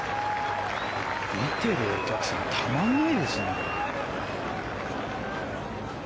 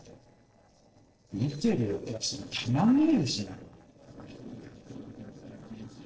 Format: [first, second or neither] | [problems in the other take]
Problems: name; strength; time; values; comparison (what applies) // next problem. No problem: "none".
first | noise reduction (neural separator model SepFormer DNS4)